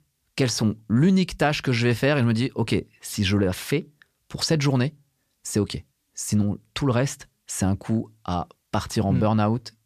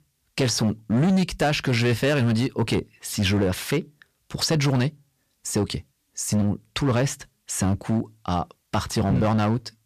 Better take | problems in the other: first | distortion; slight; 10% of the sound clipped

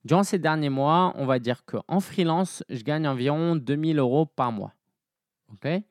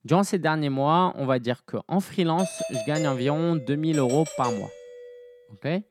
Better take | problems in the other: first | doorbell; noticeable; from 2.5 to 5.5 s; peak 6 dB below the speech

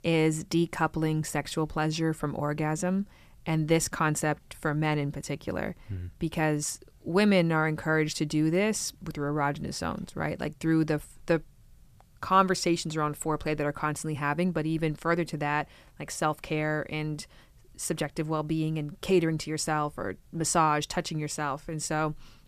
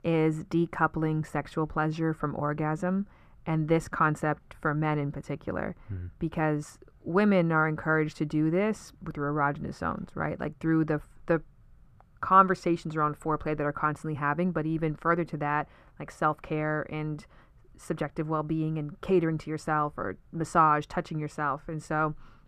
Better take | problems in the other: first | muffled; very; fading above 2.5 kHz

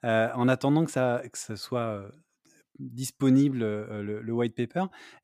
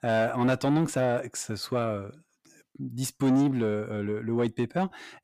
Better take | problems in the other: first | distortion; slight; 10 dB below the speech

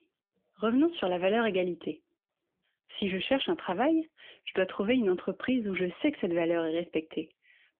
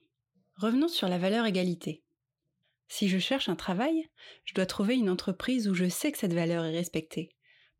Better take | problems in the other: second | phone-call audio; nothing above 3.5 kHz

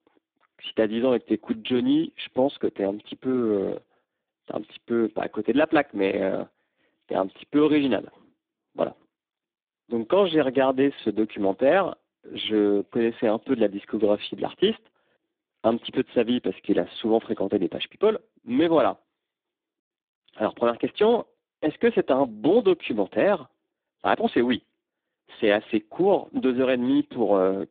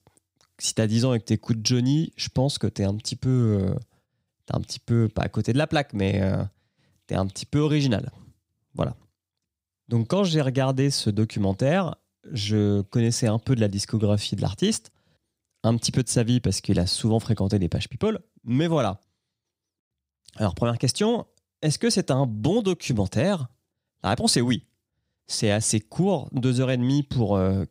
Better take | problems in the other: second | phone-call audio; poor line; nothing above 3.5 kHz

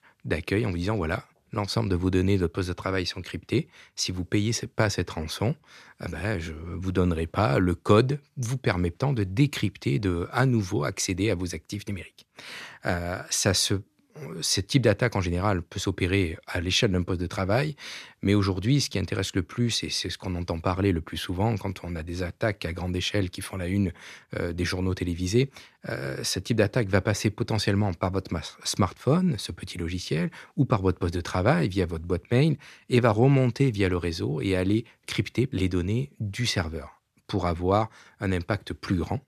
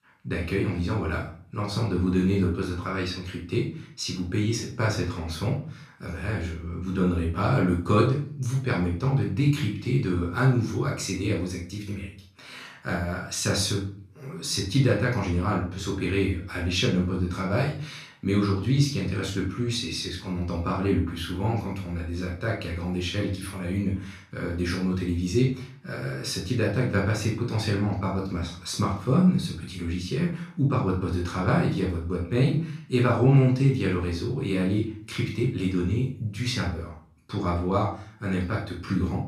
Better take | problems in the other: first | off-mic speech; far // room echo; noticeable; dies away in 0.4 s

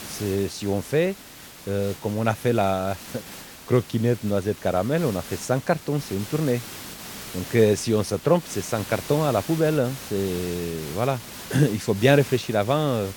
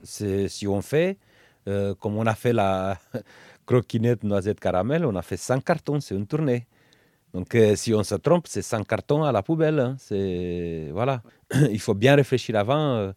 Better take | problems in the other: second | hiss; noticeable; throughout; 15 dB below the speech

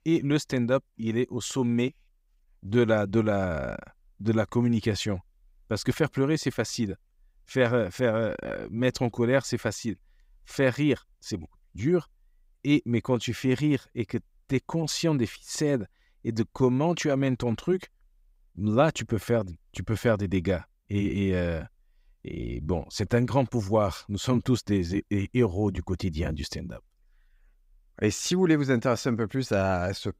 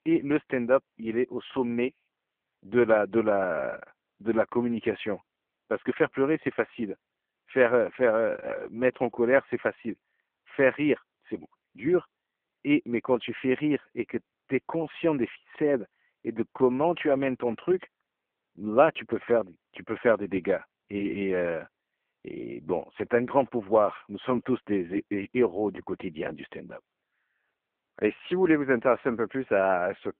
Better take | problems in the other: first | phone-call audio; poor line

